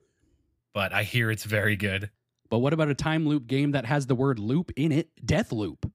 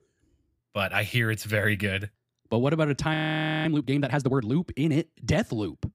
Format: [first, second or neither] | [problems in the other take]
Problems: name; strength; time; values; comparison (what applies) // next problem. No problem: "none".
first | audio freezing; at 3 s for 0.5 s